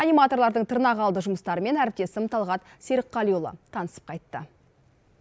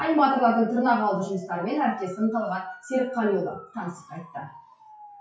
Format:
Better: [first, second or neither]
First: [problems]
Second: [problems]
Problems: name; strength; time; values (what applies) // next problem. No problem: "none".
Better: first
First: none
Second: noise reduction (classical method WPE with log-MMSE)